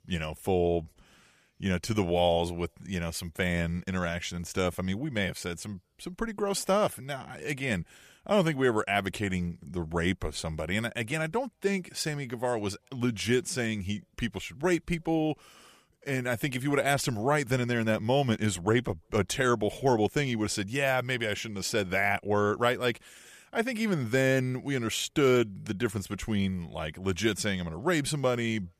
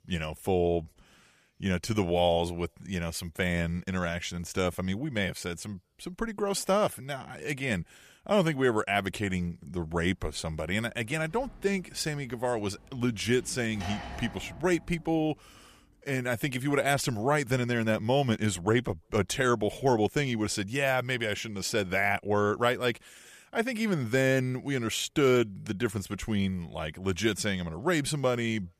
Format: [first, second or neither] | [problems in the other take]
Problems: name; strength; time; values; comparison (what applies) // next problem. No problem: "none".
first | door banging; noticeable; from 11 to 15 s; peak 9 dB below the speech